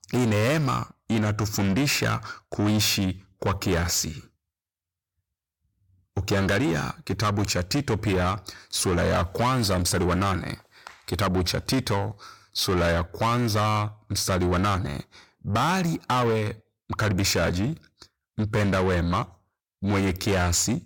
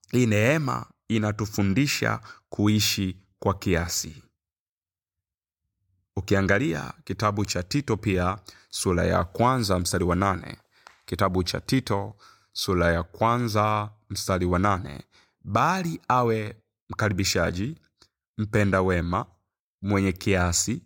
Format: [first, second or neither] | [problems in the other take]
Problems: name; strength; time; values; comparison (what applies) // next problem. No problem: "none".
second | distortion; heavy; 7 dB below the speech